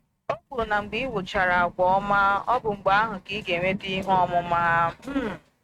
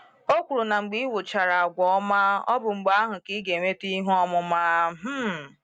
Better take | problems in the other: second | noise reduction (neural mask model RNNoise)

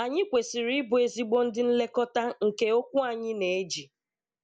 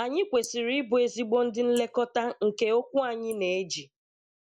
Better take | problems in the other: first | noise reduction (neural mask model Resemble Enhance denoiser)

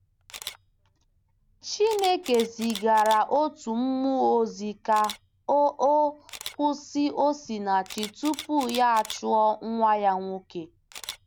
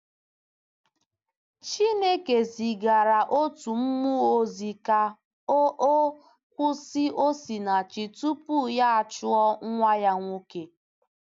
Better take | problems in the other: second | background sound (Camera); 18 dB below the speech

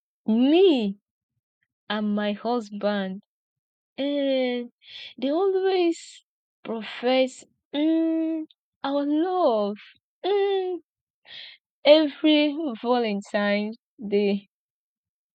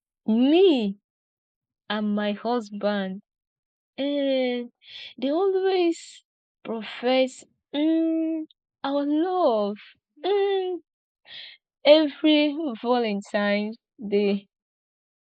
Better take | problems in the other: first | noise reduction (neural mask model Resemble Enhance denoiser)

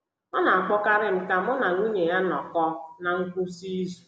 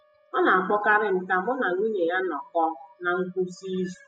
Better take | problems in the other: first | noise reduction (classical method spectral subtraction)

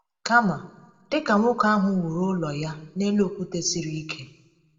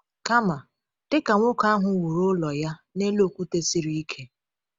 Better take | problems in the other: second | room echo; dies away in 0.6 s

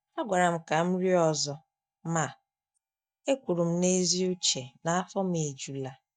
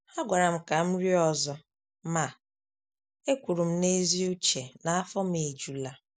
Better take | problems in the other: second | noise reduction (neural mask model DeepFilterNet 3)

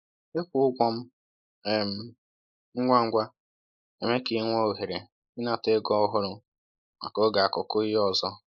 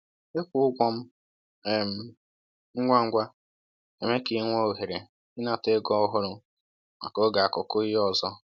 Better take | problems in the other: second | noise reduction (neural mask model Resemble Enhance denoiser)

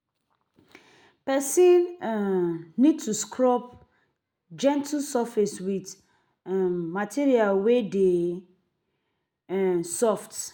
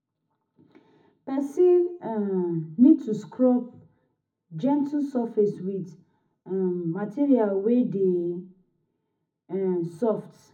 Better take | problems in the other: first | room echo; dies away in 0.4 s

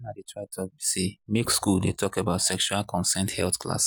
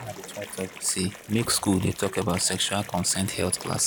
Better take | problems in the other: first | background sound (Water); 14 dB below the speech

